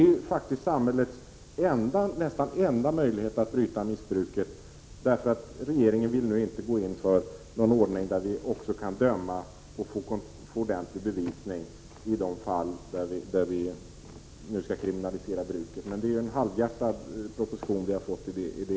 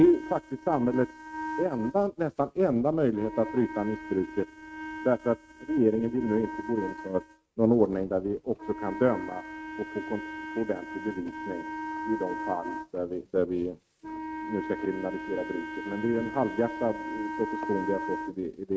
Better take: first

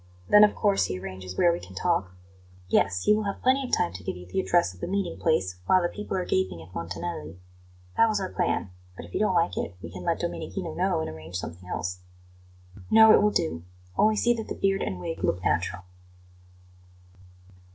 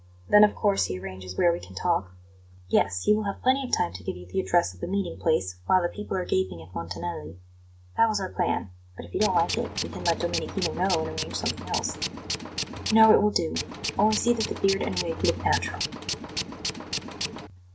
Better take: first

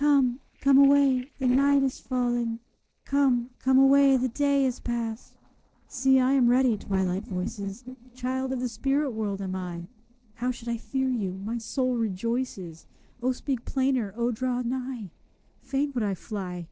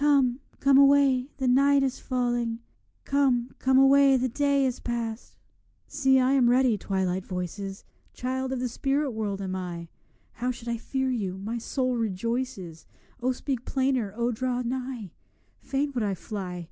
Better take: second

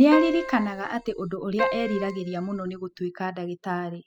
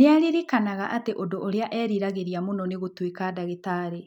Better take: second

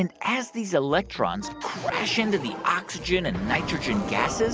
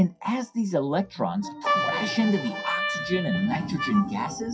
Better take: first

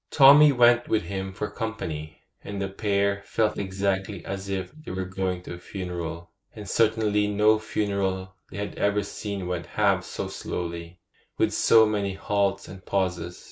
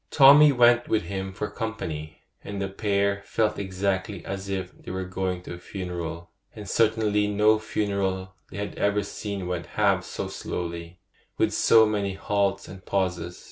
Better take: second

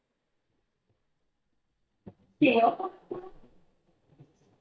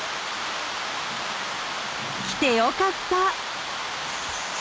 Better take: second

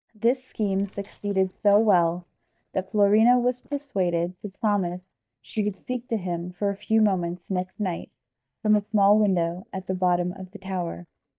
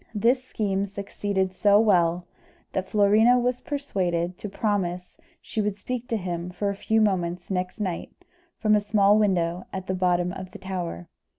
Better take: second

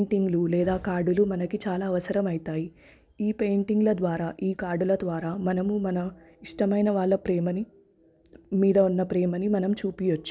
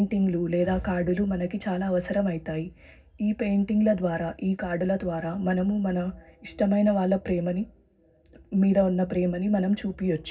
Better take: first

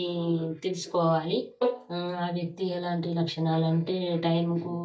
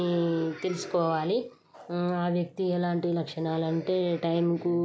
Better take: second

